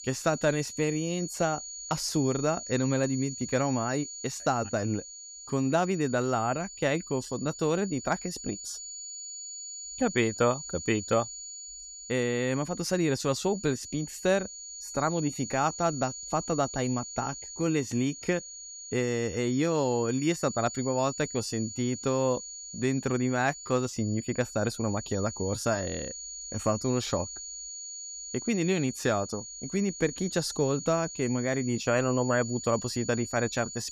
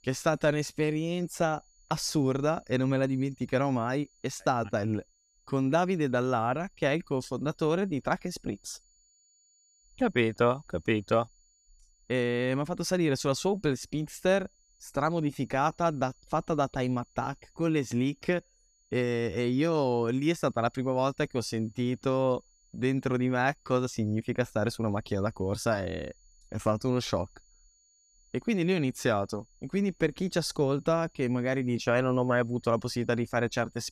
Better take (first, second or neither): second